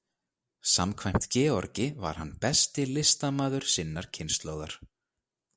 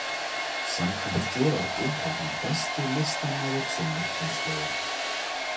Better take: first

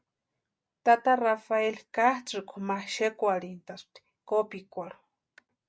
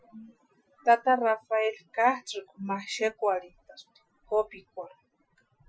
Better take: first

